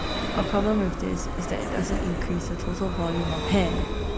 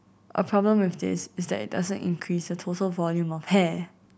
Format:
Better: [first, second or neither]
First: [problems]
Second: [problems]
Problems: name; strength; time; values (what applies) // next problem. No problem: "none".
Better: second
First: background sound (Vehicle); as loud as the speech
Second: none